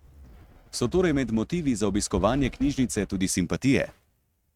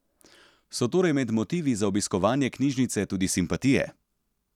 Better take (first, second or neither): second